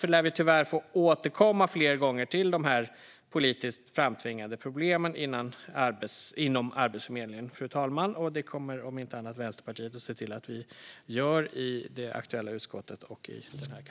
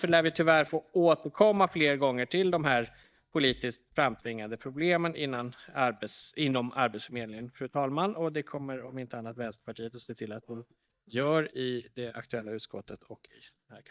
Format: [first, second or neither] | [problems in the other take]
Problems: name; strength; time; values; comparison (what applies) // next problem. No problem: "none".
first | noise reduction (neural mask model DeepFilterNet 3)